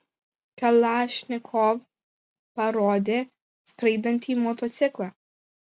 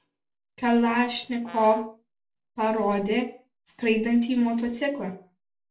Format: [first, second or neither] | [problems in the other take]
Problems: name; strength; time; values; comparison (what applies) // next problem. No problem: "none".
first | background sound (Brass instrument); 19 dB below the speech // room echo; dies away in 0.3 s